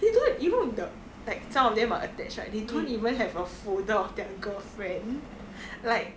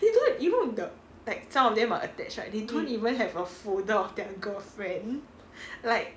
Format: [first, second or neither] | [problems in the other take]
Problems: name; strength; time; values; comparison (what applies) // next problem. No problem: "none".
second | background sound (Subway, metro, underground); 16 dB below the speech